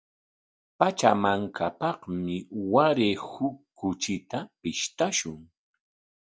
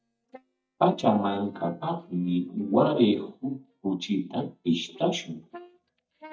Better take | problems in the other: first | noise reduction (neural mask model DeepFilterNet 3)

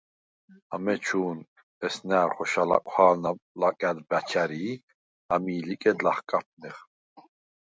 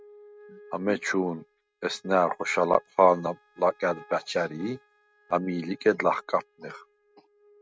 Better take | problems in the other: first | noise reduction (neural mask model RNNoise)

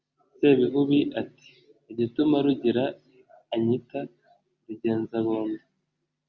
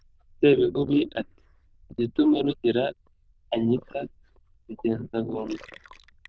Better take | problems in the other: first | noise reduction (neural diffusion model UNIVERSE++)

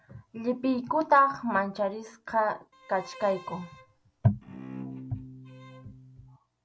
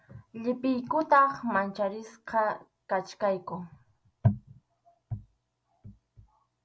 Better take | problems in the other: second | background sound (Bowed string instrument); 15 dB below the speech

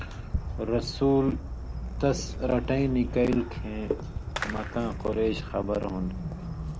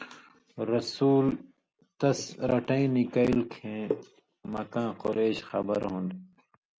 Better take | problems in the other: second | background sound (Fireworks); 6 dB below the speech

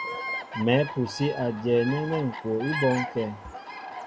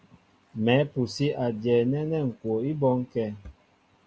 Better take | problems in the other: second | background sound (Bird vocalization, bird call, bird song); 8 dB below the speech

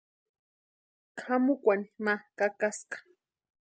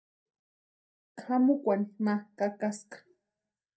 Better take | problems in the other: first | room echo; dies away in 0.3 s

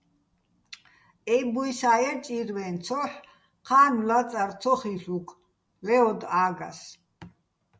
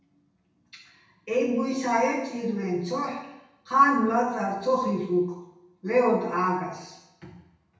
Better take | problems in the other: first | room echo; dies away in 0.8 s

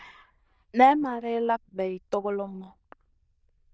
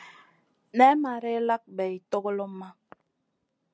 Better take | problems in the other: second | noise reduction (neural diffusion model UNIVERSE++)

